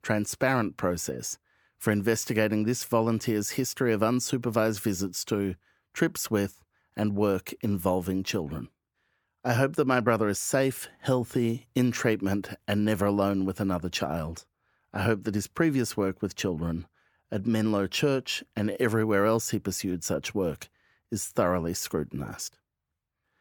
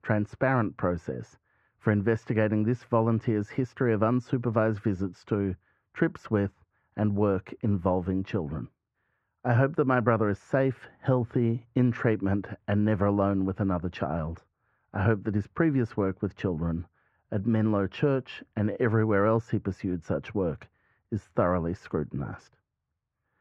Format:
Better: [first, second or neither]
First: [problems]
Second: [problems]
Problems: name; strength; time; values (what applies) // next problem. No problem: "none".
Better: first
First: none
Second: muffled; very; fading above 1.5 kHz